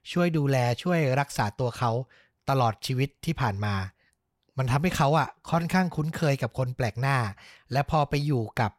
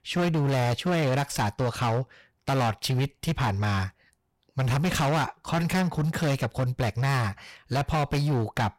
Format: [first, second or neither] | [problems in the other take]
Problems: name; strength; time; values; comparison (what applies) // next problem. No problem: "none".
first | distortion; heavy; 21% of the sound clipped